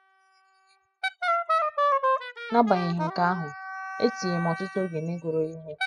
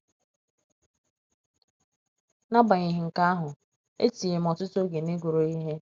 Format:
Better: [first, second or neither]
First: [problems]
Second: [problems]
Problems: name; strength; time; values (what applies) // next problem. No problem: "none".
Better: second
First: noise reduction (classical method spectral subtraction)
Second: none